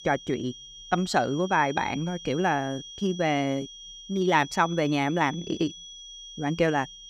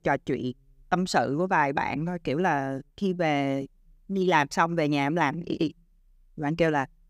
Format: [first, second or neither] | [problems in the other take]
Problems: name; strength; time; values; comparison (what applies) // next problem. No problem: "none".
second | high-pitched whine; noticeable; throughout; 3.5 kHz, 15 dB below the speech